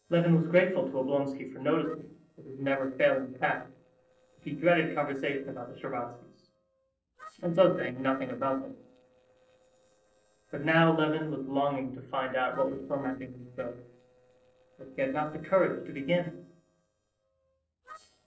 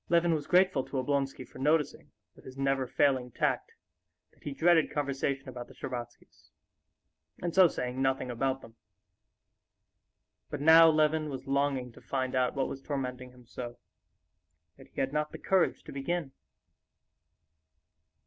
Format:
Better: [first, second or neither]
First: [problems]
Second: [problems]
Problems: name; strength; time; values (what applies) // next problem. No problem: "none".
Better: second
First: noise reduction (neural separator model SepFormer DNS4)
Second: none